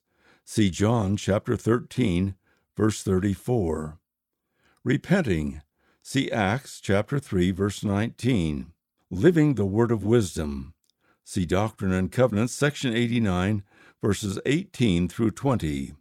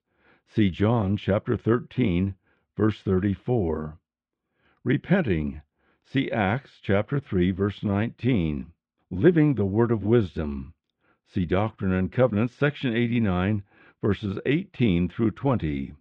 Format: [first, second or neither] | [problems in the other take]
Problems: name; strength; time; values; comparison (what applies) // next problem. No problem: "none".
first | muffled; very; fading above 3 kHz